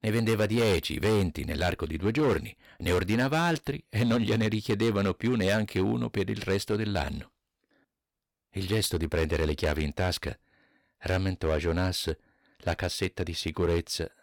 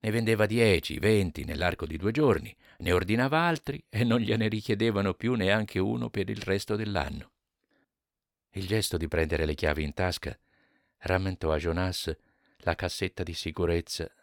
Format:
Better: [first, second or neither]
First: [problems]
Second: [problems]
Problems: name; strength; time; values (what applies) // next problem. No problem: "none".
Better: second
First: distortion; slight; 7% of the sound clipped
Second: none